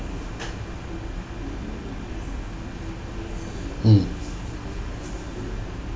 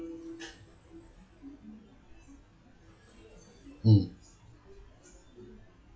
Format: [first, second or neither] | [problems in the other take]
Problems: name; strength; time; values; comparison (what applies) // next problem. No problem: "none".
first | noise reduction (classical method log-MMSE)